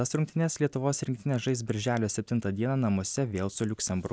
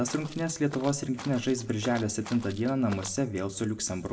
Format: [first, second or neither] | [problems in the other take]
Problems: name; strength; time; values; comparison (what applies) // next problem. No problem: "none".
first | background sound (Walk, footsteps); 15 dB below the speech // room echo; dies away in 0.3 s